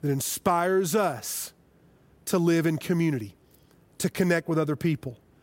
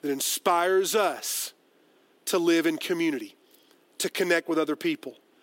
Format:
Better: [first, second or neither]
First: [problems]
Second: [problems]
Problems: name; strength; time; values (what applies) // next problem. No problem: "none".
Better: first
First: none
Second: thin; somewhat; fading below 300 Hz